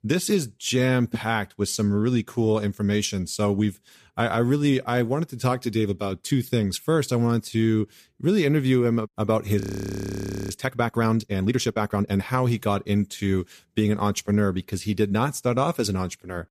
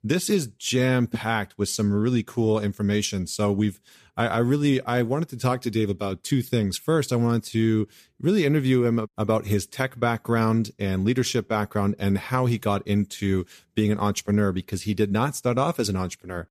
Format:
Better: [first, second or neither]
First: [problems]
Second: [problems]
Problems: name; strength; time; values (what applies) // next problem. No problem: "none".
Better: second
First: audio freezing; at 9.5 s for 1 s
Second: none